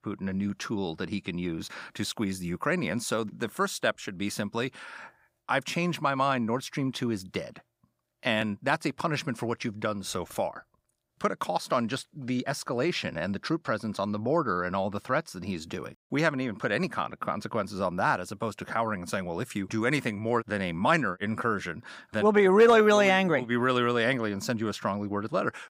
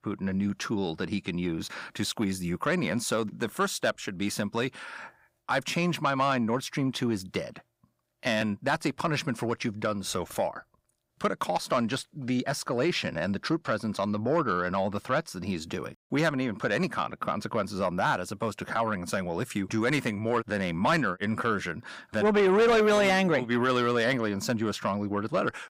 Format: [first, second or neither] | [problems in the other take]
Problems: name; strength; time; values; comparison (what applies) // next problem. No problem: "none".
first | distortion; slight; 10 dB below the speech